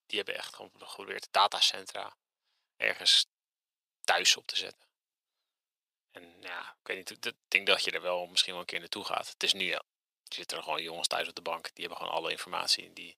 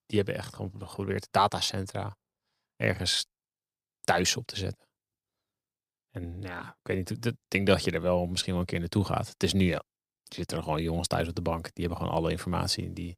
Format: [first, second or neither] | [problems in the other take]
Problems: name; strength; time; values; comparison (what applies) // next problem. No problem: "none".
second | thin; very; fading below 650 Hz